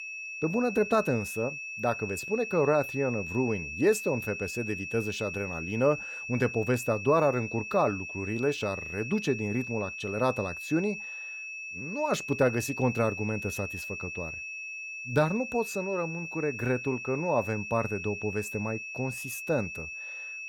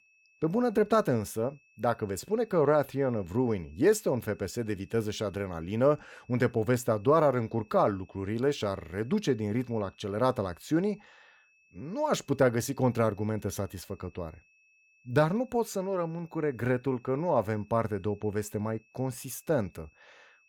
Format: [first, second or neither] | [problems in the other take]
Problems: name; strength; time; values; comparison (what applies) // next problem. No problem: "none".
second | high-pitched whine; loud; throughout; 2.5 kHz, 6 dB below the speech; faint in the second